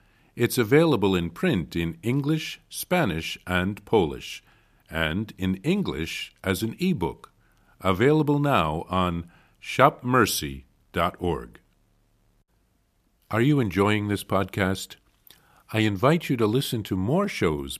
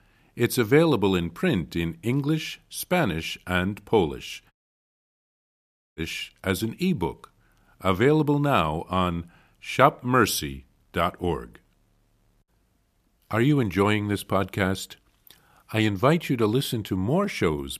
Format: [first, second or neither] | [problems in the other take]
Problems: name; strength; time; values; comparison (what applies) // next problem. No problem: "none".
first | audio cutting out; at 4.5 s for 1.5 s